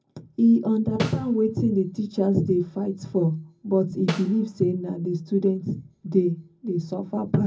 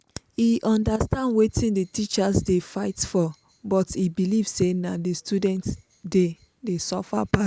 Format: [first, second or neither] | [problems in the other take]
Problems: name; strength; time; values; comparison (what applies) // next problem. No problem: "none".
second | background sound (Snare drum); 12 dB below the speech // room echo; dies away in 0.4 s